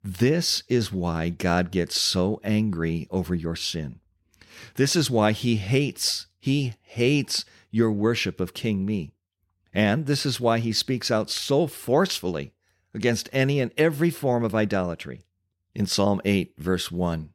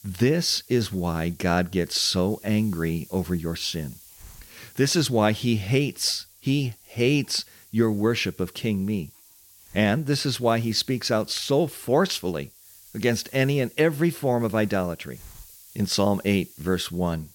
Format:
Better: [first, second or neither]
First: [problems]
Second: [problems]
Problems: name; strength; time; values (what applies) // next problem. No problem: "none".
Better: first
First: none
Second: hiss; faint; throughout; 25 dB below the speech